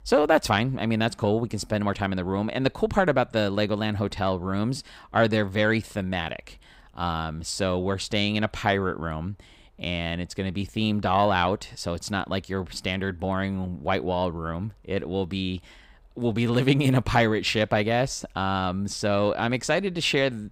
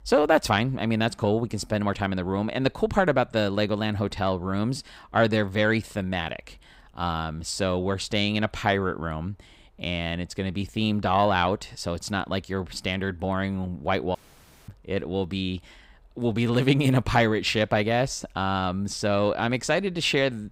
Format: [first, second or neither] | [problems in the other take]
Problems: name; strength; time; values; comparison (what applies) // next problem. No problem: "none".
first | audio cutting out; at 14 s for 0.5 s